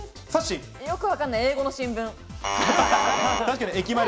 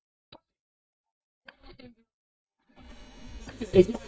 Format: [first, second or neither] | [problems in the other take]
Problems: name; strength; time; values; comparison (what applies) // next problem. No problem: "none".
first | noise reduction (neural mask model DeepFilterNet 3)